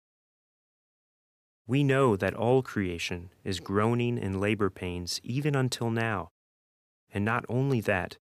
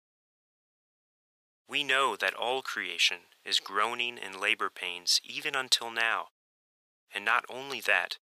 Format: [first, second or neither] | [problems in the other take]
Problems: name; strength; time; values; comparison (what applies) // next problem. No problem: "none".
first | thin; very; fading below 1 kHz